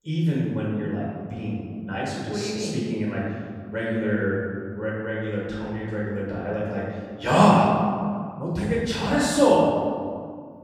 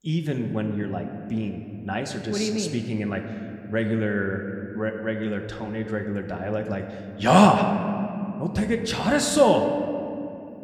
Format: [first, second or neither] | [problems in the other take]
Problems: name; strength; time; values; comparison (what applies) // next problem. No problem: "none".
second | room echo; strong; dies away in 1.9 s; slight in the second // off-mic speech; far